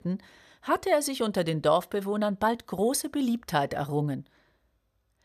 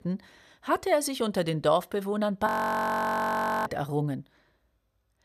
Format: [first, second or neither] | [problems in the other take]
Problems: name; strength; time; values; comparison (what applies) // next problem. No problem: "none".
first | audio freezing; at 2.5 s for 1 s